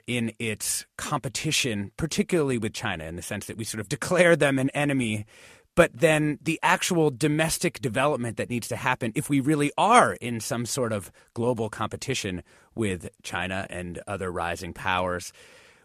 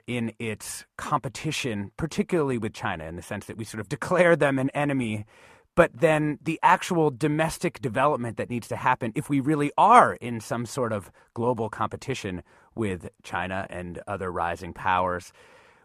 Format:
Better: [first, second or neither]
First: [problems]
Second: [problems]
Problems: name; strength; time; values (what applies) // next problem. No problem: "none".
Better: first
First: none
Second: muffled; slightly; fading above 2.5 kHz